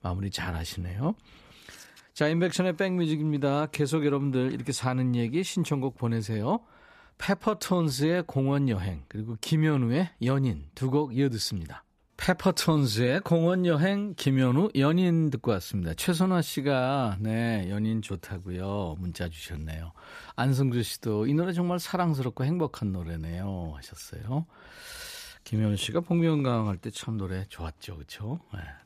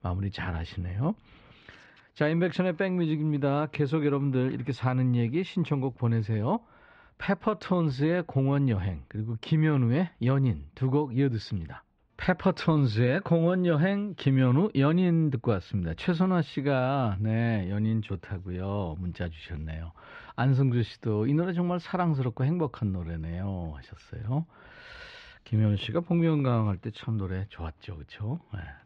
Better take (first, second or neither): first